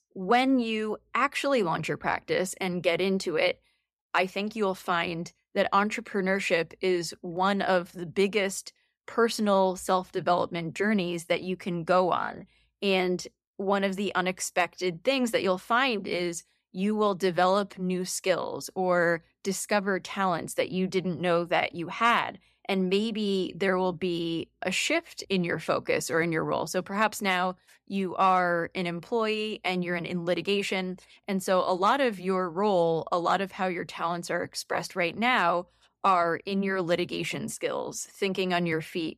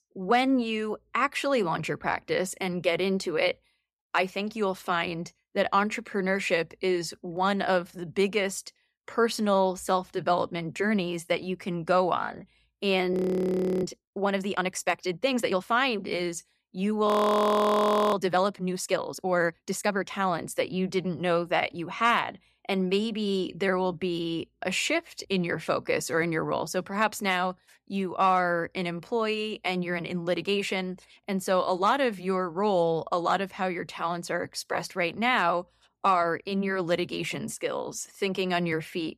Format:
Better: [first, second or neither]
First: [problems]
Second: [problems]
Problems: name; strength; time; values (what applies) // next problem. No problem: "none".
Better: first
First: none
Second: audio freezing; at 13 s for 0.5 s and at 17 s for 1 s